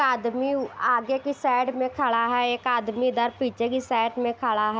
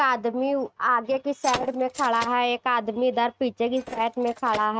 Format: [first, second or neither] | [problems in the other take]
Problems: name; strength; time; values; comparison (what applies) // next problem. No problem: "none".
first | noise reduction (neural mask model RNNoise)